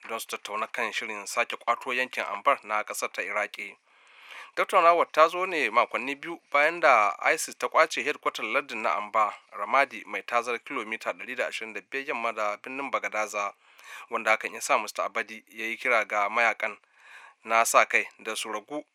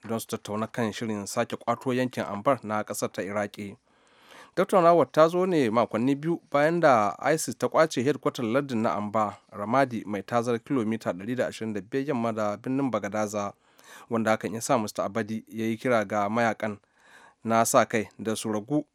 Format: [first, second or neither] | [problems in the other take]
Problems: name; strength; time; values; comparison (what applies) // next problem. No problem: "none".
second | thin; very; fading below 600 Hz